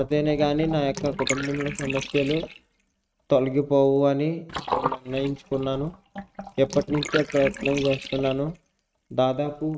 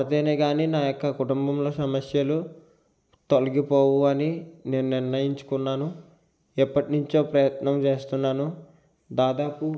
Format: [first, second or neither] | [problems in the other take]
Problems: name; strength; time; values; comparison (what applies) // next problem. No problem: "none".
second | noise reduction (neural mask model RNNoise)